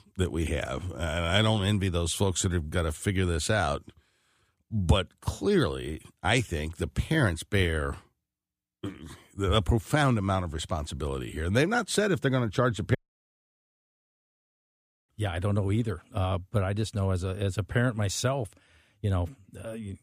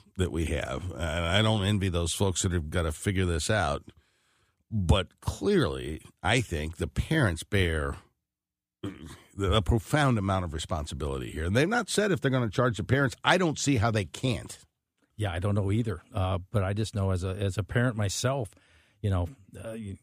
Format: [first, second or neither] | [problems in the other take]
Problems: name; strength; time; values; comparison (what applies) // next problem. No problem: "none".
second | audio cutting out; at 13 s for 2 s